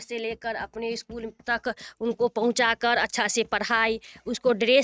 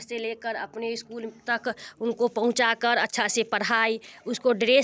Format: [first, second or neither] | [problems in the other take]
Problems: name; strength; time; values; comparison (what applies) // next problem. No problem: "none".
second | noise reduction (neural mask model RNNoise)